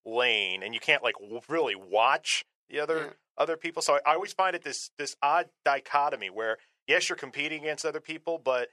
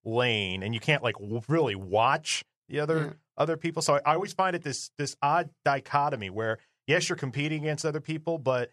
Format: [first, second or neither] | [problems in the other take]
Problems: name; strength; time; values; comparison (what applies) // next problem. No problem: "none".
second | thin; very; fading below 500 Hz